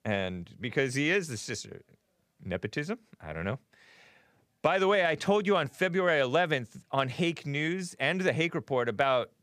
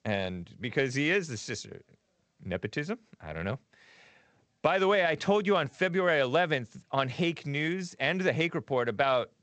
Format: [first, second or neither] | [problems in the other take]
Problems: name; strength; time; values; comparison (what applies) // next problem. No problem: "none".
first | garbled, watery; slightly; nothing above 8 kHz